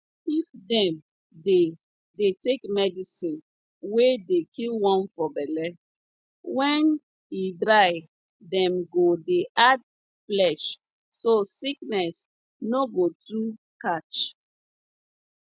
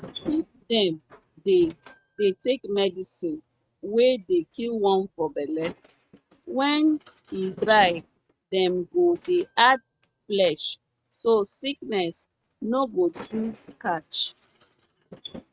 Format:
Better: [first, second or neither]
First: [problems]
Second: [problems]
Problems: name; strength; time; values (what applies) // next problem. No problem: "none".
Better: first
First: none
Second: noise reduction (neural mask model RNNoise)